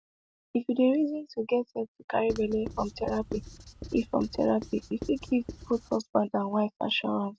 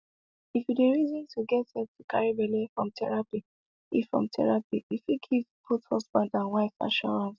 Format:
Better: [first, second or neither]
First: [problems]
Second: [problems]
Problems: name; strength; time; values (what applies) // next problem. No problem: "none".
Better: second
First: background sound (Writing); 13 dB below the speech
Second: none